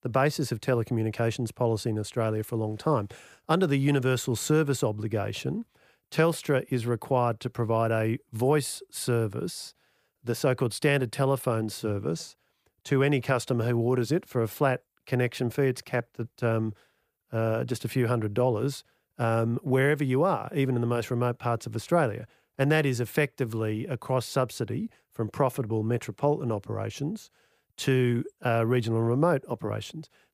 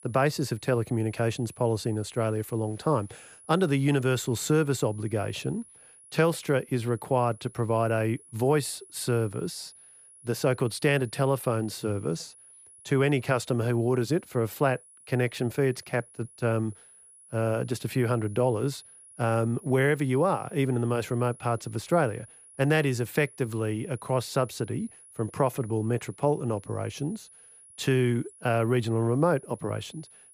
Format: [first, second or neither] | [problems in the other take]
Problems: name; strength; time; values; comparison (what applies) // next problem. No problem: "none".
first | high-pitched whine; faint; throughout; 10.5 kHz, 20 dB below the speech